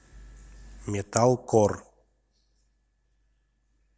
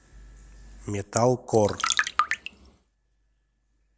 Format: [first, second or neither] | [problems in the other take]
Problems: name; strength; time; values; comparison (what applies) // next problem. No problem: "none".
first | background sound (Trickle, dribble); as loud as the speech